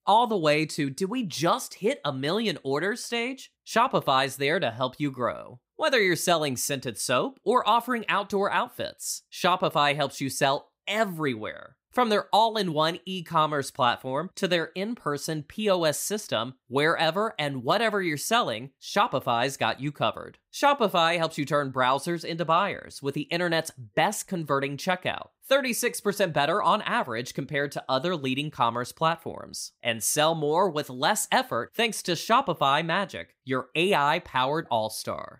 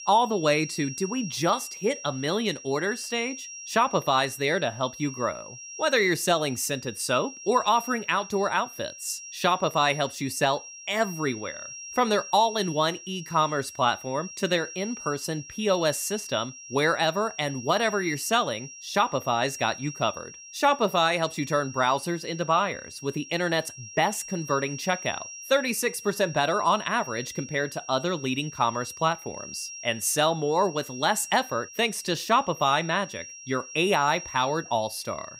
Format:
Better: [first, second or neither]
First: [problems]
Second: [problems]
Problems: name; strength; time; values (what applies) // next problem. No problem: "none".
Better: first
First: none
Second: high-pitched whine; noticeable; throughout; 5.5 kHz, 15 dB below the speech